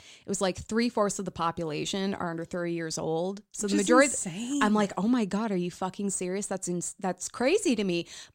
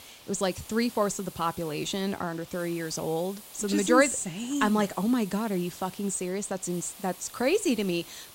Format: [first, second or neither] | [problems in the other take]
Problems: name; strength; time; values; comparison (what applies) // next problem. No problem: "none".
first | hiss; noticeable; throughout; 15 dB below the speech